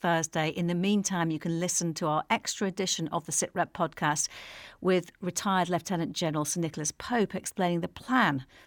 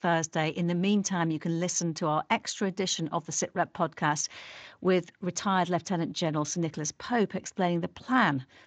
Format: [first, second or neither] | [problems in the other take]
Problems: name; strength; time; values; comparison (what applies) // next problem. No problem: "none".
first | garbled, watery; slightly